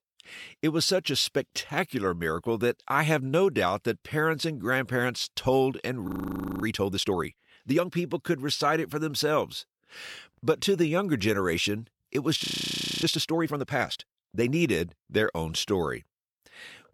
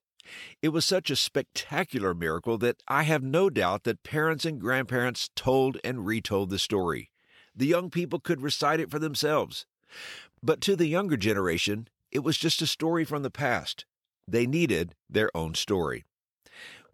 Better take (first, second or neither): second